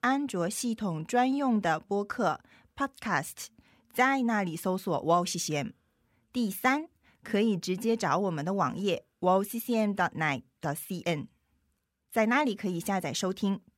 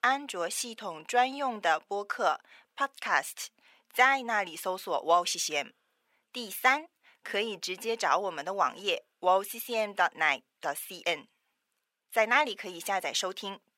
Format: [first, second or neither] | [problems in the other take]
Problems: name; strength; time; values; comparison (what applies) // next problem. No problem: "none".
first | thin; very; fading below 600 Hz